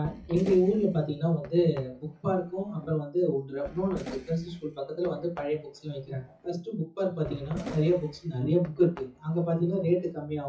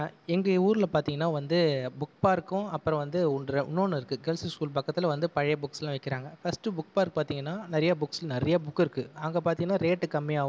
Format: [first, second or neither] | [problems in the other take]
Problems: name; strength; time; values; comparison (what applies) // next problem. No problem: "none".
second | noise reduction (classical method WPE with log-MMSE)